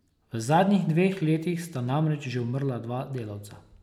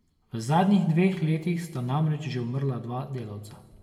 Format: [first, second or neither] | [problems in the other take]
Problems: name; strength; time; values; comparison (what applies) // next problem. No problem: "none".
first | room echo; dies away in 1.2 s